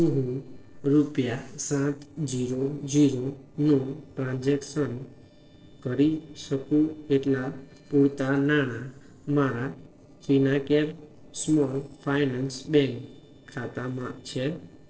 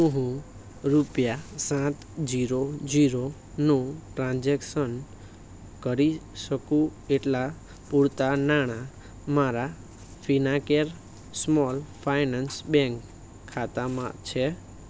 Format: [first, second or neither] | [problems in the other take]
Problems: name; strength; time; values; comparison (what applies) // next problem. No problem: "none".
second | noise reduction (neural separator model SepFormer DNS4)